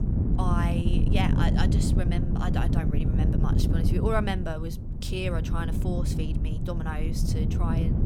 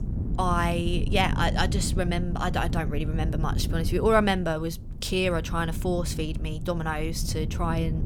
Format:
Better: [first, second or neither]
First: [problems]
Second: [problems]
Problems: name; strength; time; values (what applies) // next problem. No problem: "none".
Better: second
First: wind noise on the microphone; heavy; 3 dB below the speech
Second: wind noise on the microphone; occasional gusts; 15 dB below the speech